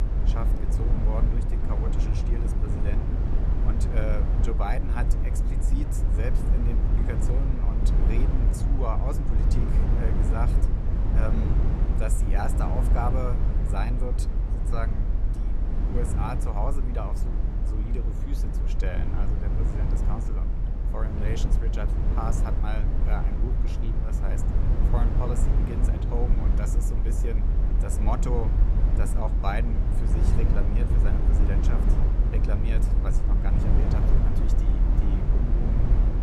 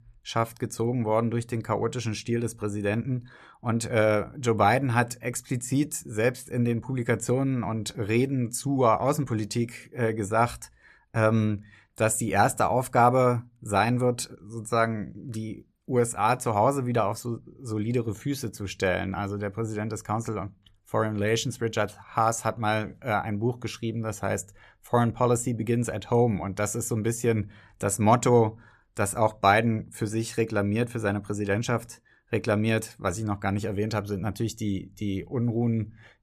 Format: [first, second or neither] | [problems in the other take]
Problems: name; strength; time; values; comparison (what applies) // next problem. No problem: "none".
second | low rumble; loud; throughout; 2 dB below the speech